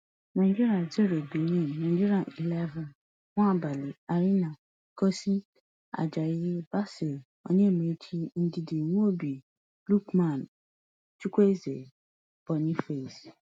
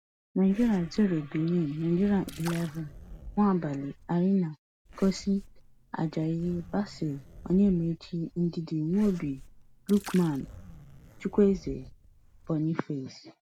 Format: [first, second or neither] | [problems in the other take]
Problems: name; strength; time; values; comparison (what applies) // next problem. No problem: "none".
first | background sound (Zipper (clothing) + Splash, splatter); 18 dB below the speech